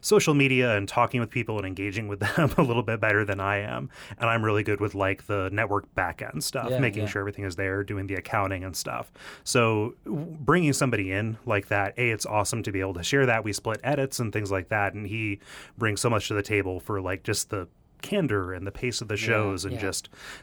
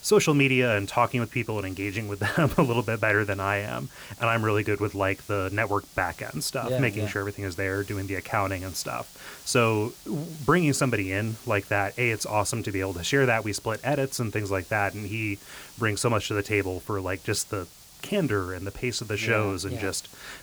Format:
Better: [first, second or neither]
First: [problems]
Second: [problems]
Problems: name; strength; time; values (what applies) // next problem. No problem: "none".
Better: first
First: none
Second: hiss; noticeable; throughout; 20 dB below the speech